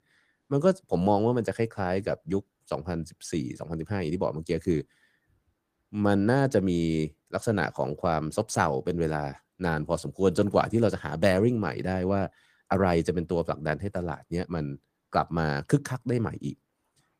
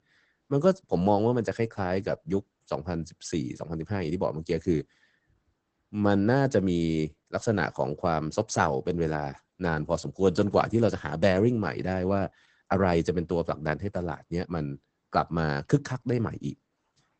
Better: first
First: garbled, watery; slightly; nothing above 15 kHz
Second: garbled, watery; badly; nothing above 8 kHz

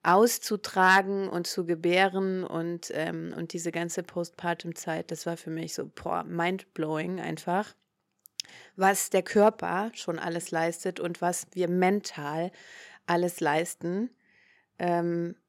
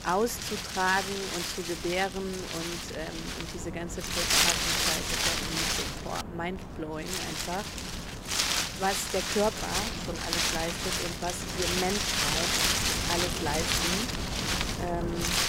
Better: first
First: none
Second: wind noise on the microphone; heavy; 5 dB above the speech

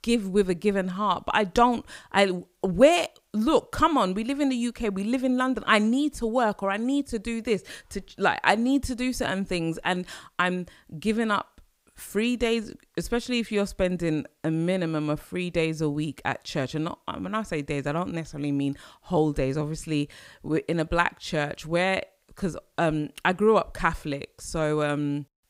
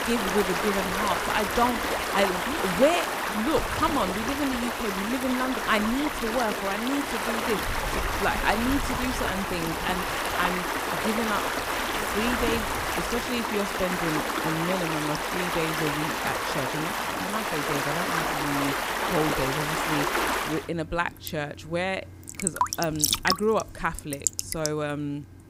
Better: first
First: none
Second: rain or running water; very loud; throughout; 2 dB above the speech

